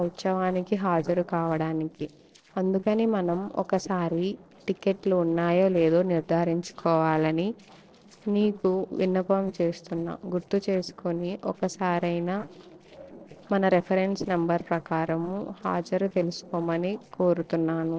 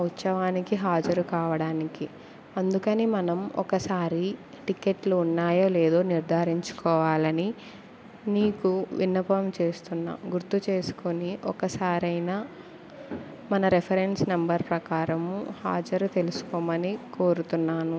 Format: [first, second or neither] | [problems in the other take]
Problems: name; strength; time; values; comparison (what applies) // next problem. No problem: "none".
second | noise reduction (neural separator model SepFormer DNS4)